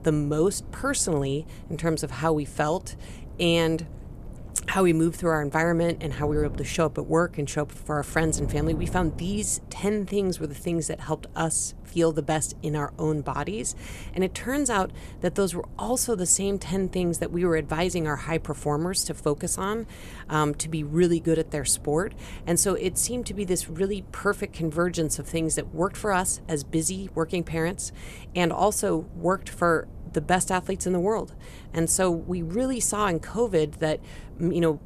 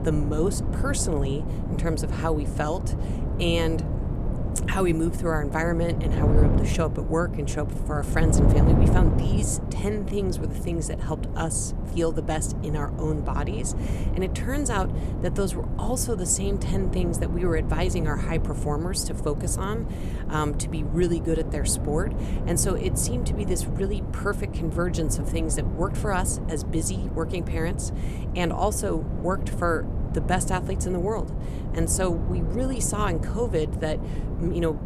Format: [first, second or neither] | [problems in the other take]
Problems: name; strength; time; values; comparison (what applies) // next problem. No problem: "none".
first | wind noise on the microphone; heavy; 7 dB below the speech; occasional gusts in the first